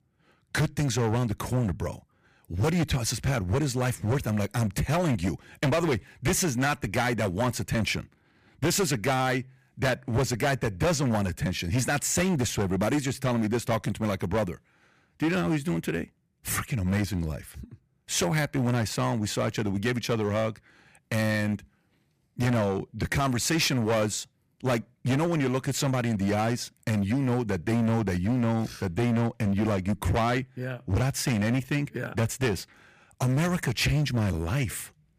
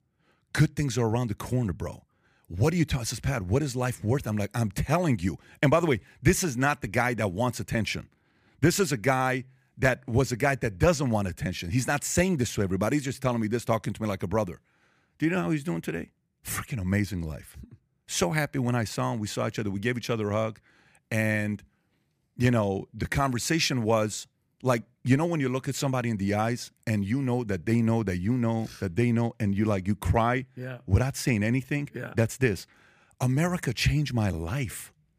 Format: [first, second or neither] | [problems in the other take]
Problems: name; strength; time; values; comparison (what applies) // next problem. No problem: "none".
second | distortion; heavy; 12% of the sound clipped